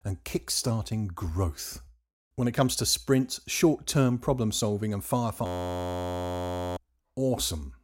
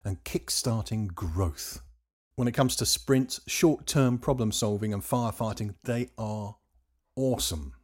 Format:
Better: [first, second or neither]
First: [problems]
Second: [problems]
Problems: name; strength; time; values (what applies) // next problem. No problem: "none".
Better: second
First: audio freezing; at 5.5 s for 1.5 s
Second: none